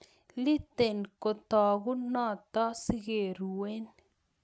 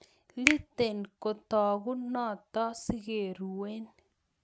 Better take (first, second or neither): first